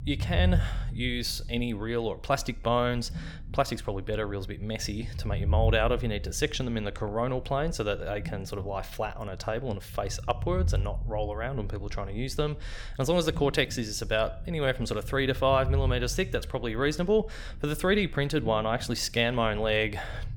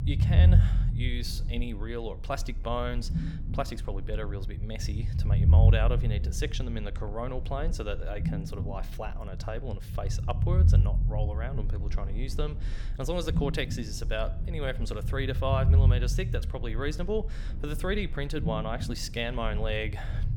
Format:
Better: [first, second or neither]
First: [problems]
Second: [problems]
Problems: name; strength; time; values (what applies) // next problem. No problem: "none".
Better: first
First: low rumble; faint; throughout; 20 dB below the speech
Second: low rumble; loud; throughout; 9 dB below the speech